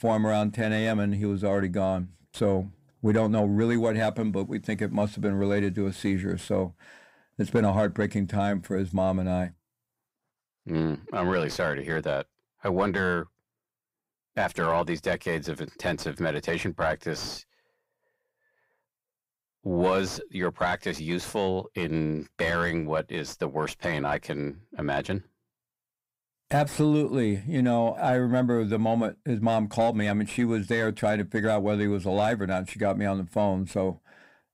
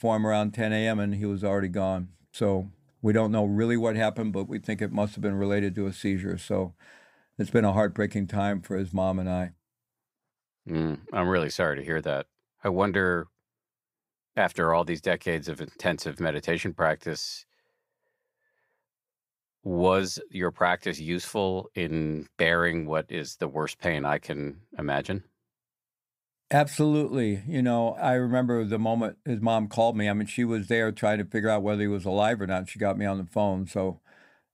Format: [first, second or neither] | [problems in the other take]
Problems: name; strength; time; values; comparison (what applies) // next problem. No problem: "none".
second | distortion; slight; 10 dB below the speech